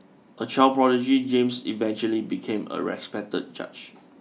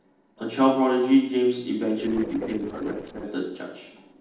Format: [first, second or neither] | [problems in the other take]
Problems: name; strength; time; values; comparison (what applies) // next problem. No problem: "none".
first | noise reduction (neural separator model SepFormer DNS4)